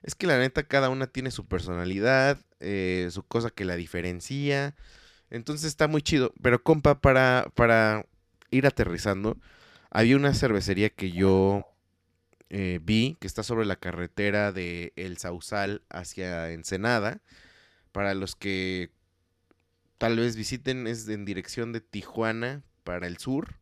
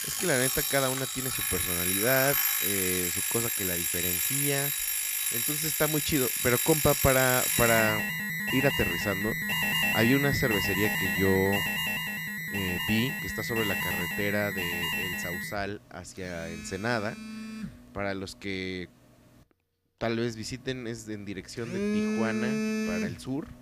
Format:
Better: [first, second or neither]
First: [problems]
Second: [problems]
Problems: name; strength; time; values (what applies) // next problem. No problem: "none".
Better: first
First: none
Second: alarms or sirens; very loud; throughout; 3 dB above the speech